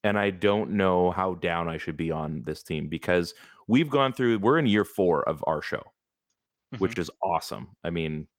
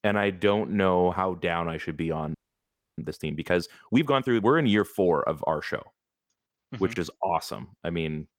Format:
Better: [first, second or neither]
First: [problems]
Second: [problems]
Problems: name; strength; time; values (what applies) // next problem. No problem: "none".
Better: first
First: none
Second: audio freezing; at 2.5 s for 0.5 s